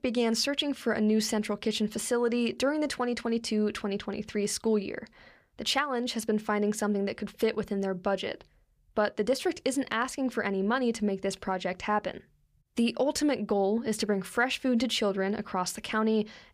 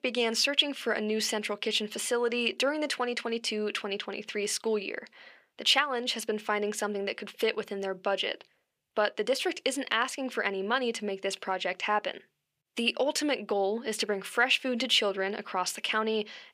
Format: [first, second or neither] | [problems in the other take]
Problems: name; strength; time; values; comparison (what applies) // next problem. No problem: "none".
first | thin; somewhat; fading below 350 Hz